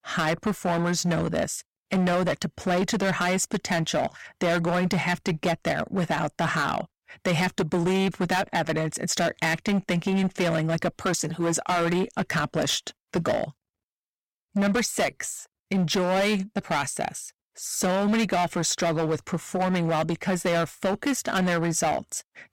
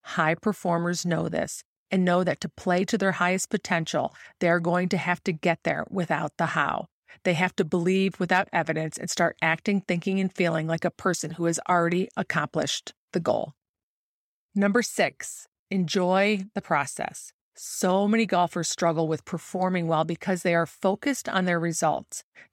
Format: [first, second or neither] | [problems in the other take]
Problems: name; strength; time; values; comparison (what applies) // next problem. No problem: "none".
second | distortion; heavy; 14% of the sound clipped